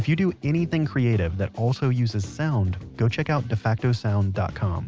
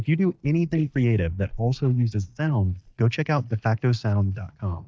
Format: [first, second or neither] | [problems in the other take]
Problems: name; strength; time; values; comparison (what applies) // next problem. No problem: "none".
first | noise reduction (neural mask model DeepFilterNet 3)